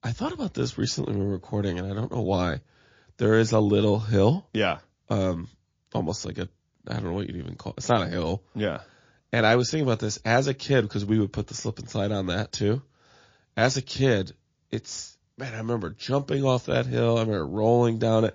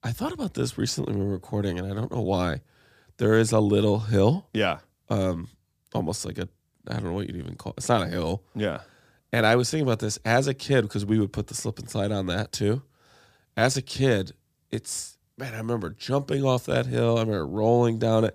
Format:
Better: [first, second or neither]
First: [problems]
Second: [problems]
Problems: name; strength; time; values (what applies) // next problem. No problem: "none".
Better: second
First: garbled, watery; slightly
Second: none